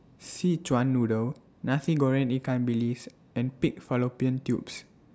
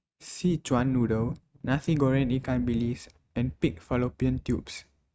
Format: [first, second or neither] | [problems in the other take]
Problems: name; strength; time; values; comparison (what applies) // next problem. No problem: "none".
first | noise reduction (neural mask model RNNoise)